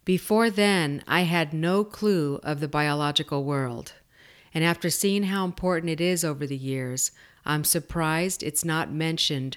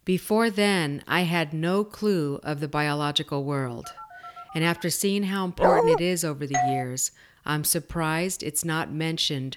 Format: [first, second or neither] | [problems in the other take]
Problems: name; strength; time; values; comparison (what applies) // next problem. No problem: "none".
first | phone ringing; faint; at 4 s; peak 15 dB below the speech // dog barking; loud; at 5.5 s; peak 6 dB above the speech // doorbell; loud; at 6.5 s; peak level with the speech